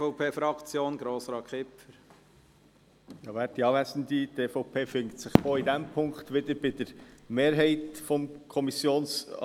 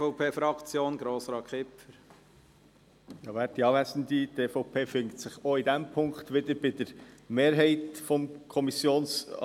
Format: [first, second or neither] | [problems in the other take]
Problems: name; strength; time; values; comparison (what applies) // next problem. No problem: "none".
second | background sound (Fireworks); 4 dB below the speech